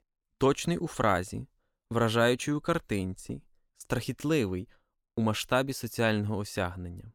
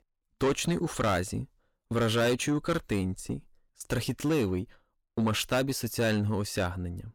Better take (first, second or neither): first